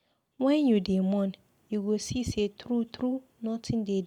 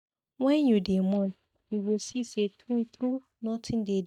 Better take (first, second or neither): first